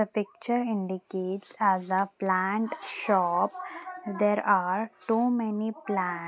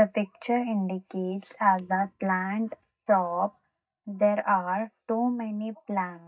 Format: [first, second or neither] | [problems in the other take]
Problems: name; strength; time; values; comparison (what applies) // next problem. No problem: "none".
first | noise reduction (neural mask model DeepFilterNet 3)